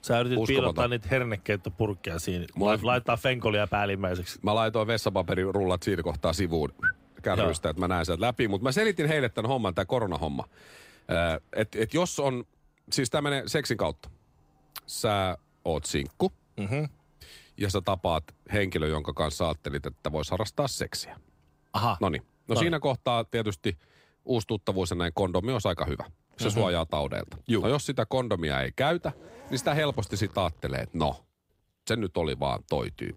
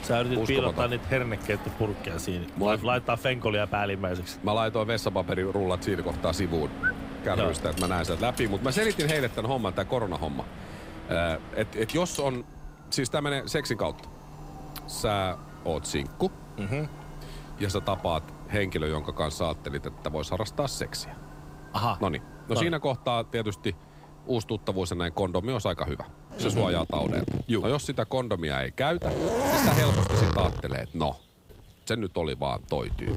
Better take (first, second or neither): first